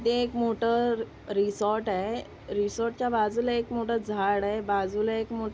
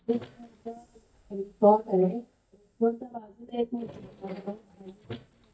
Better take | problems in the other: first | noise reduction (neural mask model DeepFilterNet 3)

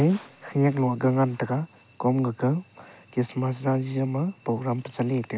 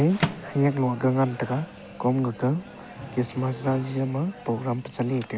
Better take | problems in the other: first | background sound (Microwave oven); 12 dB below the speech

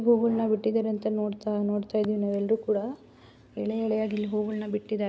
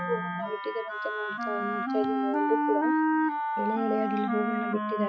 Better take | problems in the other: first | noise reduction (classical method Wiener filter)

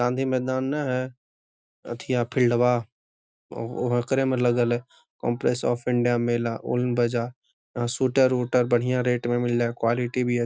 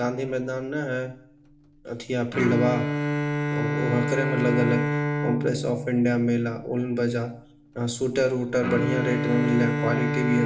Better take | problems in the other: first | background sound (Bowed string instrument); 3 dB below the speech // room echo; dies away in 0.5 s

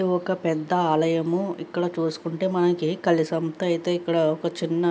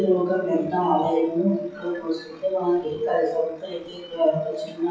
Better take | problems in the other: first | noise reduction (classical method WPE with log-MMSE)

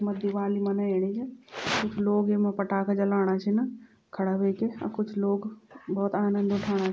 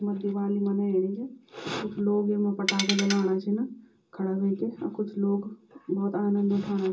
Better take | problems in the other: first | background sound (Tools); 3 dB below the speech // room echo; dies away in 0.2 s

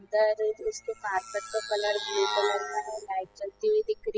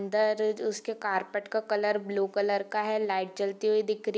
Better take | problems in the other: second | noise reduction (classical method spectral subtraction)

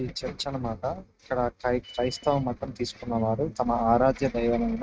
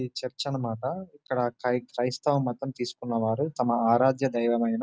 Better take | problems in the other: second | noise reduction (neural mask model RNNoise)

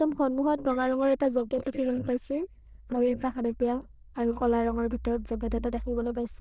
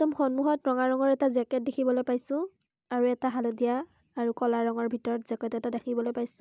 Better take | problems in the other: second | noise reduction (neural diffusion model UNIVERSE++)

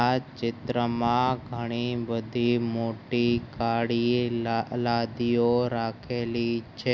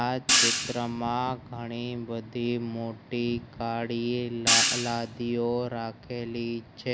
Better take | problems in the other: first | background sound (Hi-hat); 3 dB above the speech

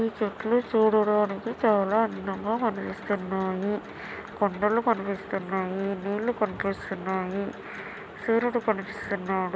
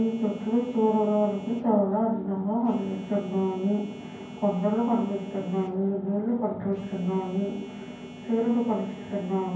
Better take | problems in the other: first | background sound (Telephone); 19 dB below the speech // room echo; dies away in 0.9 s

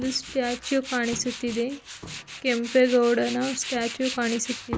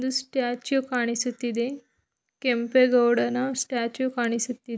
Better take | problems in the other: second | background sound (Tools); 11 dB below the speech

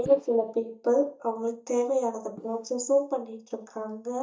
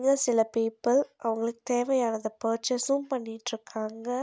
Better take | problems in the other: second | noise reduction (neural mask model DeepFilterNet 3)

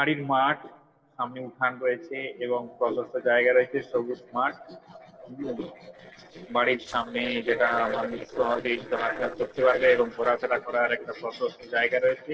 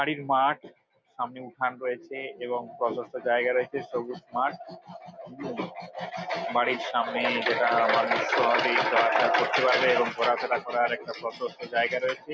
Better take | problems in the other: second | noise reduction (neural separator model SepFormer DNS4)

